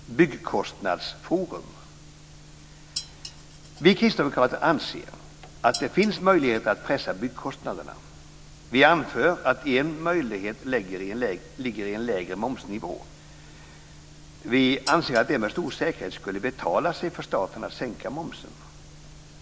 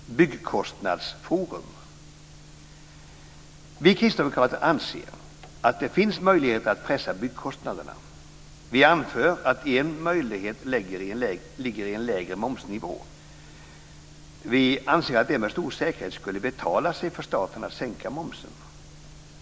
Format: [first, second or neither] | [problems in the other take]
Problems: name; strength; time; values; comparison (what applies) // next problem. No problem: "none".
second | background sound (Dishes, pots, and pans); 15 dB below the speech